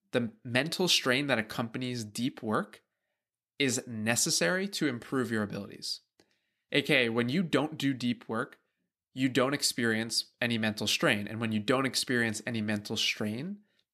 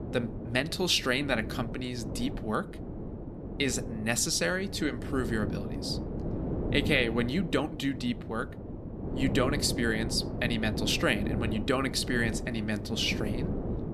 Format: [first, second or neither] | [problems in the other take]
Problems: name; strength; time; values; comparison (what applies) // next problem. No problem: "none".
first | wind noise on the microphone; occasional gusts; 10 dB below the speech